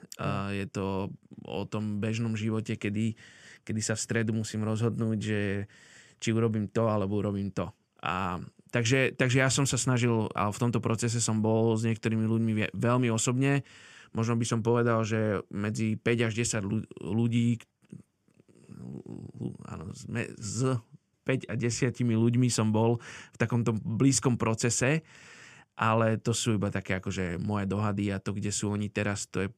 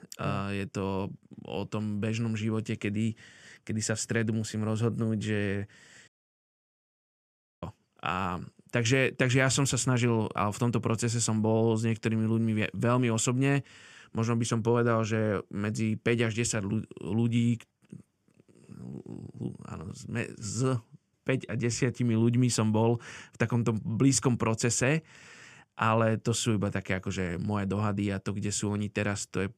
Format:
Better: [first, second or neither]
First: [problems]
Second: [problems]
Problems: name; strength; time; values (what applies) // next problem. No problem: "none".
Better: first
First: none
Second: audio cutting out; at 6 s for 1.5 s